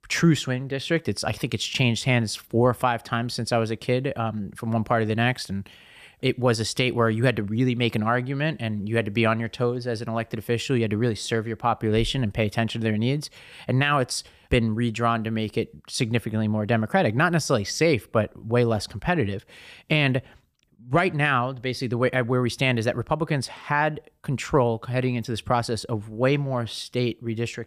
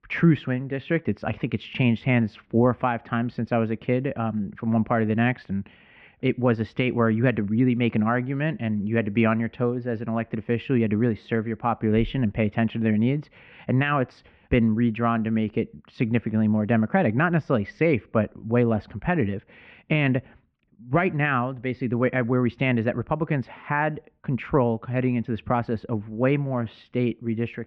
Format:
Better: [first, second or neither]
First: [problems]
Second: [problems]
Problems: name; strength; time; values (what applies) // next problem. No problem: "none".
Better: first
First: none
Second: muffled; very; fading above 2.5 kHz